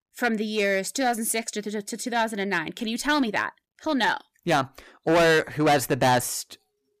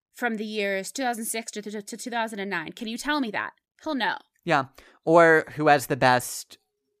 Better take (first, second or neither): second